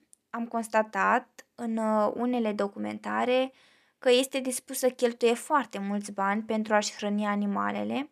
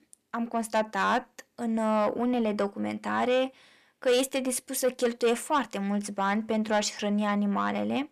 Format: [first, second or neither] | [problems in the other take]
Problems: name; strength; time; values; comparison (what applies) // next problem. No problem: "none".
first | distortion; slight; 10 dB below the speech